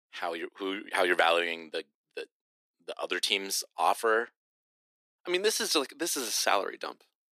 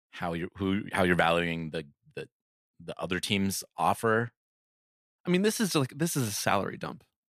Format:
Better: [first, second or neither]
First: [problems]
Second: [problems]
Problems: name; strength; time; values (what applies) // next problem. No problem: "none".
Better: second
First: thin; very; fading below 300 Hz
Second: none